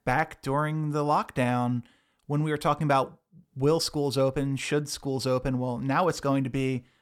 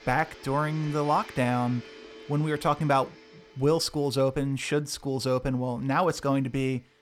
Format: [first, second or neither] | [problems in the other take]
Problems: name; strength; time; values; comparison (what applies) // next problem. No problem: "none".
first | household noises; noticeable; throughout; 20 dB below the speech